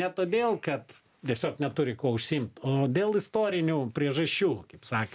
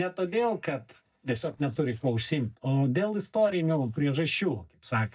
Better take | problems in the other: first | noise reduction (neural mask model DeepFilterNet 3)

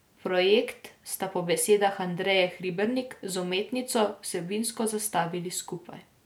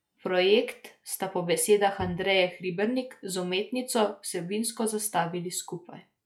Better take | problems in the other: first | noise reduction (classical method log-MMSE)

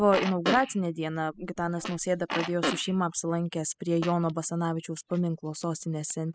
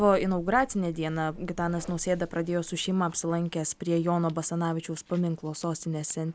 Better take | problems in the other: second | noise reduction (classical method spectral subtraction)

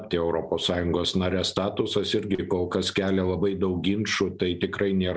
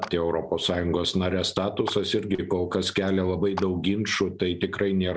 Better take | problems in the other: first | background sound (Clapping); 17 dB below the speech

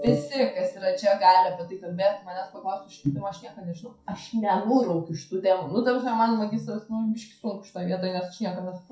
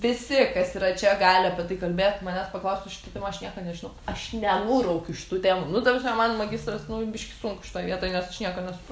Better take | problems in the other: second | noise reduction (classical method WPE with log-MMSE)

